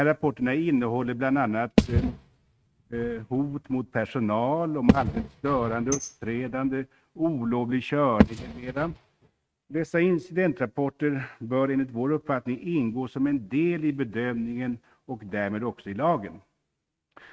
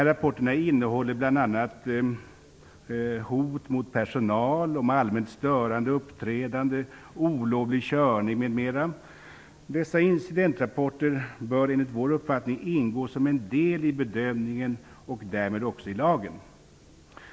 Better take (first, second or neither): second